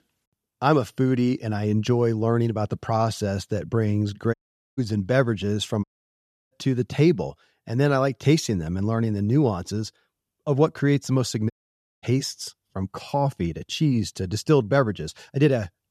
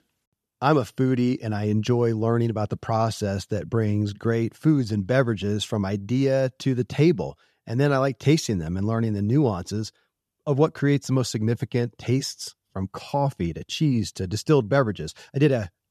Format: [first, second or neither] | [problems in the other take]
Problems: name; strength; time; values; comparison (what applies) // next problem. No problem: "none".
second | audio cutting out; at 4.5 s, at 6 s for 0.5 s and at 12 s for 0.5 s